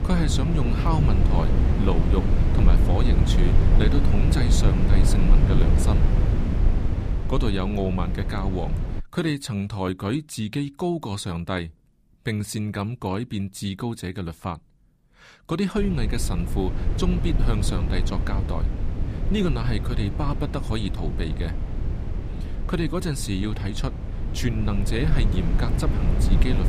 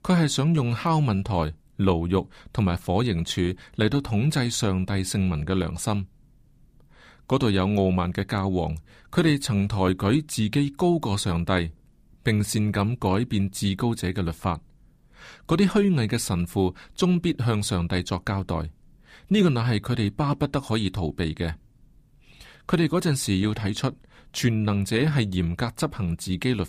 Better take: second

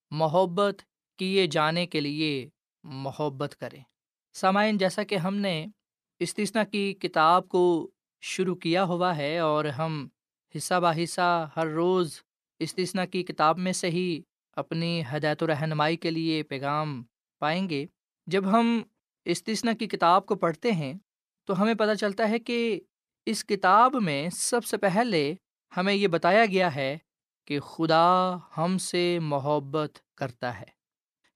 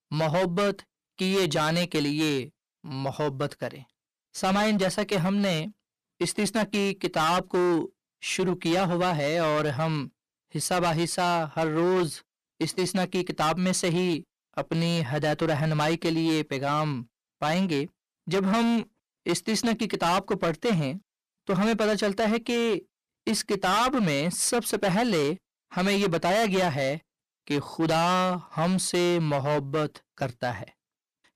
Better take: first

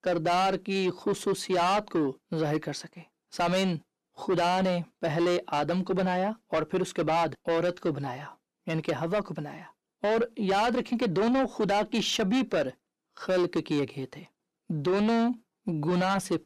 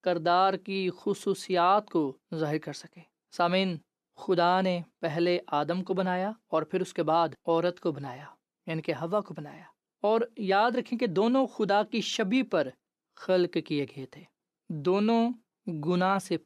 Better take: second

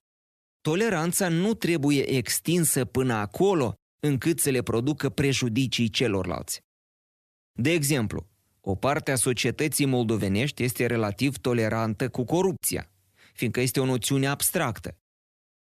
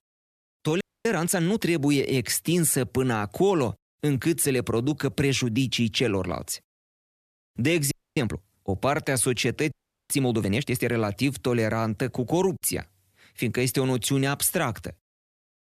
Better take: first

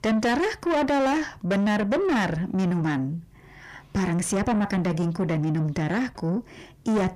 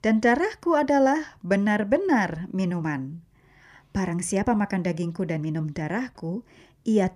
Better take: second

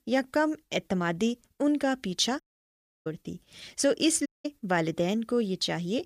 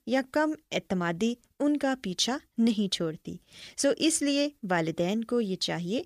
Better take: second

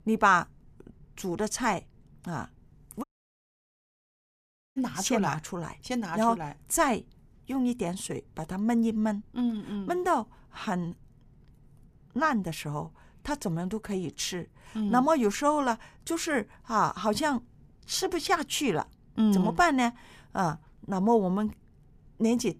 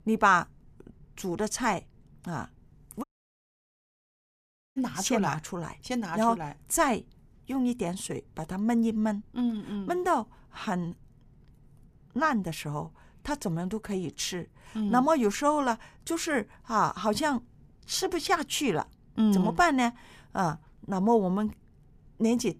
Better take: neither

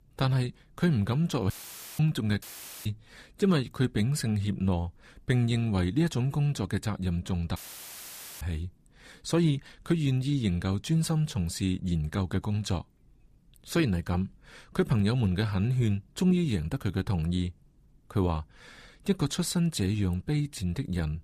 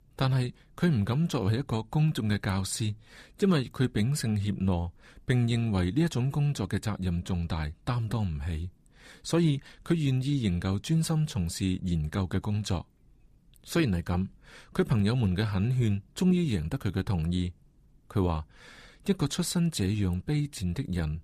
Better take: second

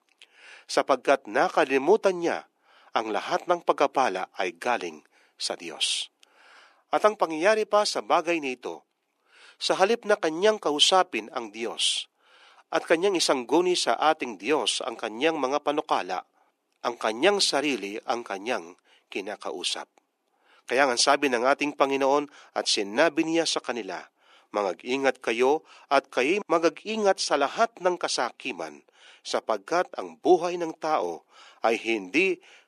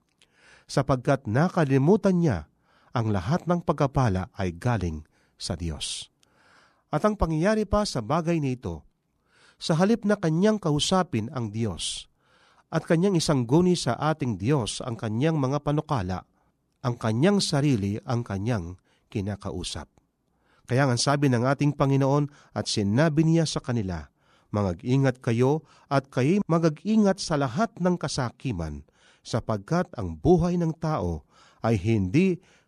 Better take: second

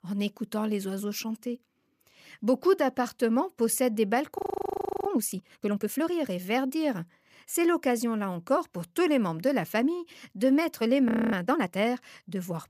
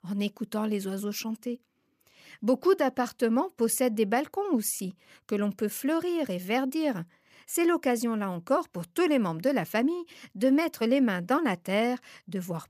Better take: second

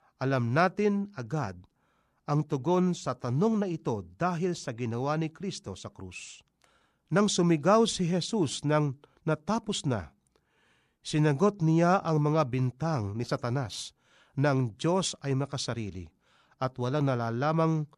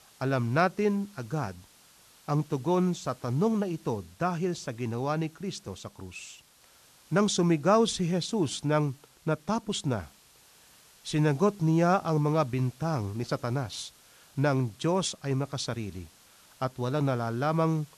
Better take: first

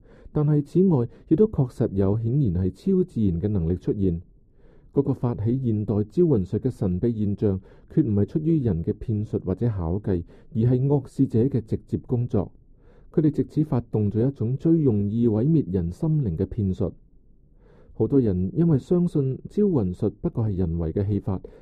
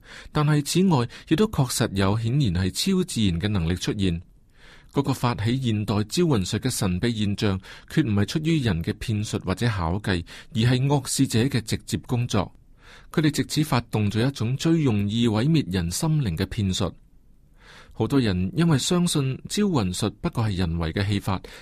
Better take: second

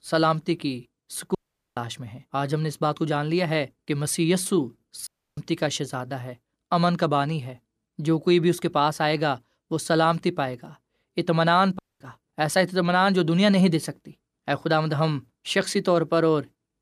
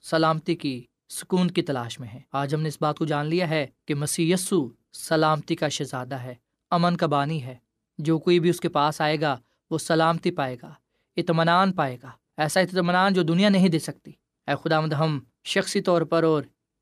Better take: second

